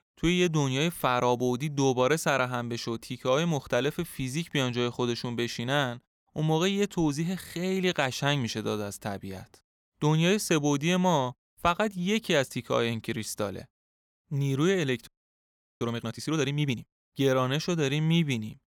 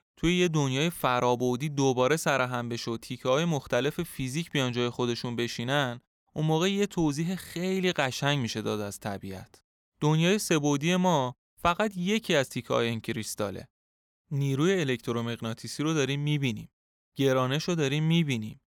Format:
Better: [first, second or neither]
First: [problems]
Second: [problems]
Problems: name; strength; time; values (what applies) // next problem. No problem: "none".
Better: second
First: audio freezing; at 15 s for 0.5 s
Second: none